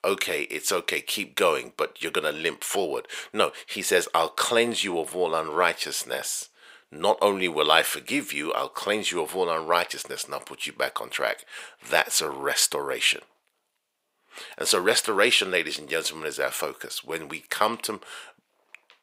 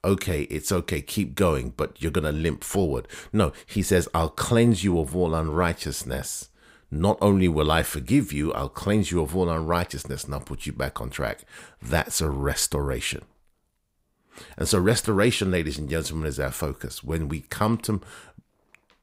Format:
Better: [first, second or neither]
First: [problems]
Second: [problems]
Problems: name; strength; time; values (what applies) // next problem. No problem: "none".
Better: second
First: thin; very; fading below 550 Hz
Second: none